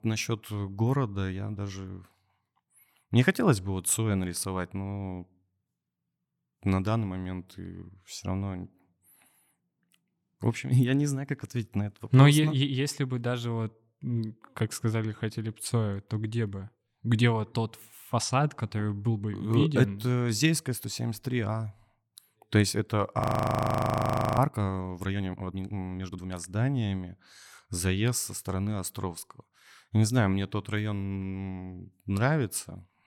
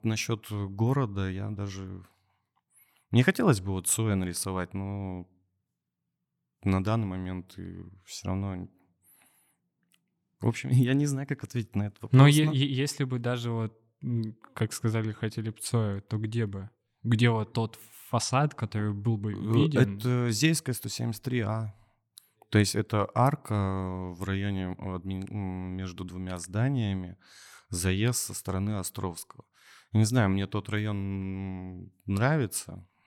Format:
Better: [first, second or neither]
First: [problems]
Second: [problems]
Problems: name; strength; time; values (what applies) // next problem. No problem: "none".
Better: second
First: audio freezing; at 23 s for 1 s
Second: none